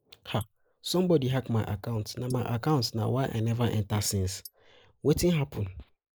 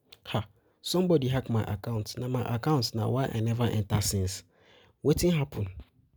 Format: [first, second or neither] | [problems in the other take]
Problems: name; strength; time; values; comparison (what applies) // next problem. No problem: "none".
second | noise reduction (neural mask model Resemble Enhance denoiser)